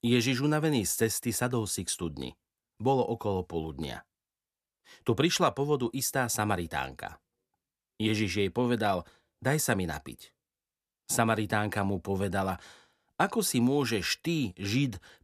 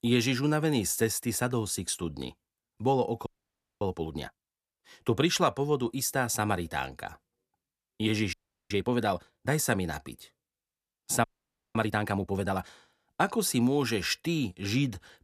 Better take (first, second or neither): first